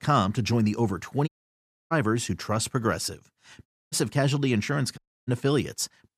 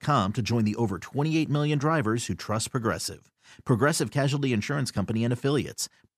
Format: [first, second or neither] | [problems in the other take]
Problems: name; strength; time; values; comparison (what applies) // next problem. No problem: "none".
second | audio cutting out; at 1.5 s for 0.5 s, at 3.5 s and at 5 s